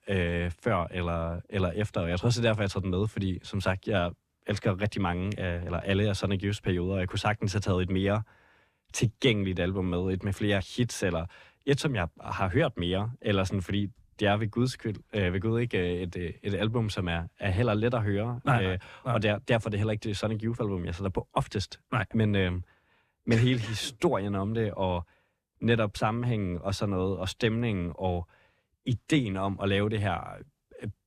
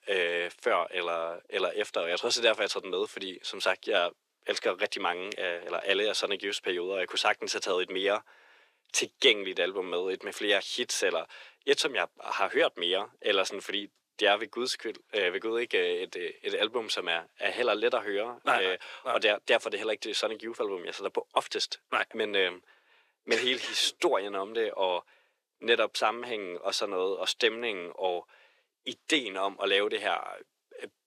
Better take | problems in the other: first | thin; very; fading below 400 Hz

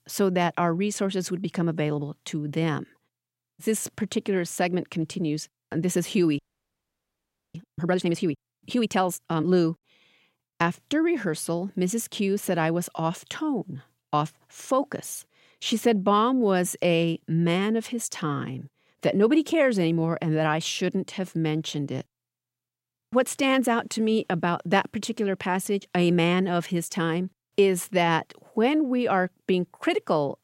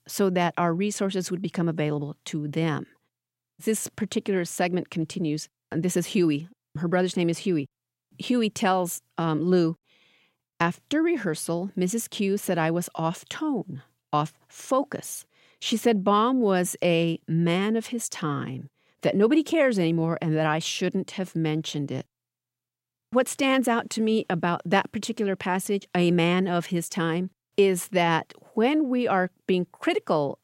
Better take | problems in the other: second | audio freezing; at 6.5 s for 1 s

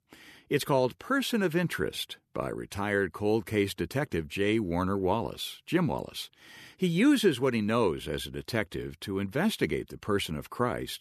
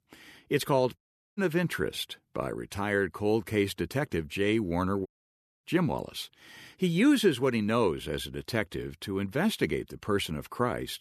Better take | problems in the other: first | audio cutting out; at 1 s and at 5 s for 0.5 s

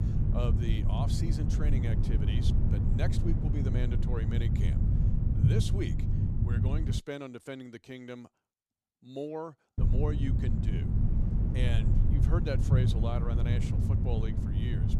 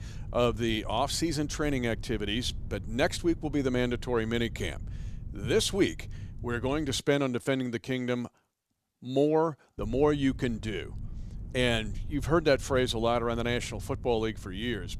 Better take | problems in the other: second | low rumble; loud; until 7 s and from 10 s on; as loud as the speech; faint in the second

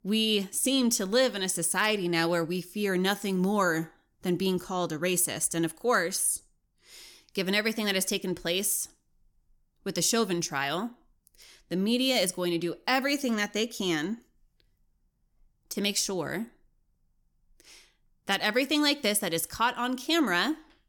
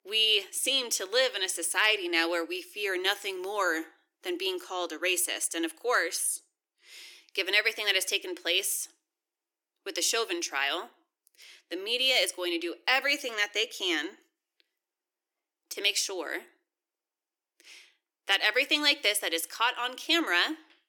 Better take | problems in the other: first | thin; very; fading below 300 Hz

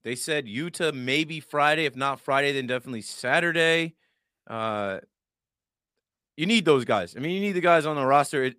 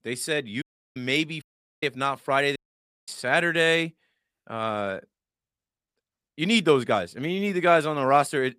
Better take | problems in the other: first | audio cutting out; at 0.5 s, at 1.5 s and at 2.5 s for 0.5 s

